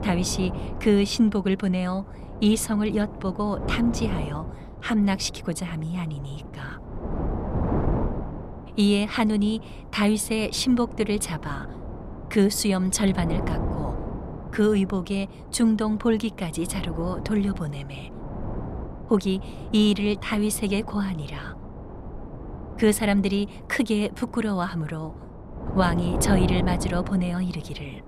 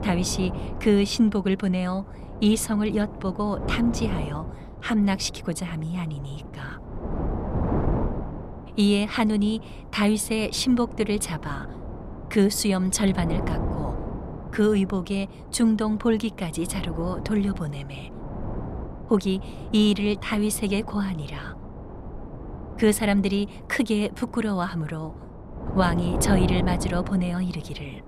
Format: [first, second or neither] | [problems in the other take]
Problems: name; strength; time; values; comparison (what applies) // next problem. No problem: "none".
neither | wind noise on the microphone; occasional gusts; 10 dB below the speech; the same in both